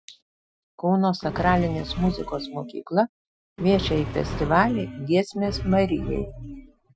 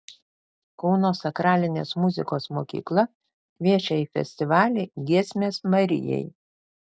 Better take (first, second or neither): second